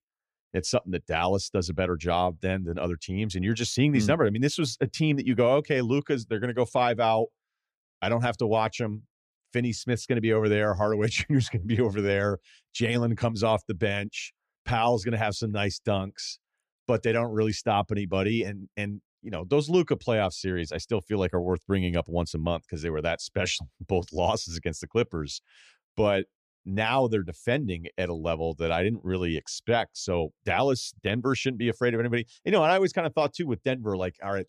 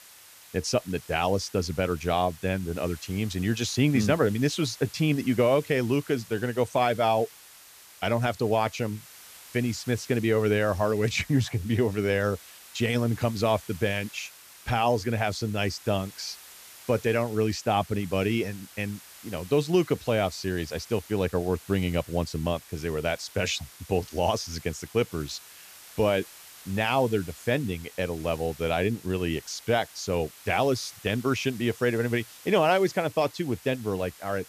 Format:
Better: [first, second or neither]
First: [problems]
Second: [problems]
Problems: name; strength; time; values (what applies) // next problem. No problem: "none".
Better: first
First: none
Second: hiss; noticeable; throughout; 20 dB below the speech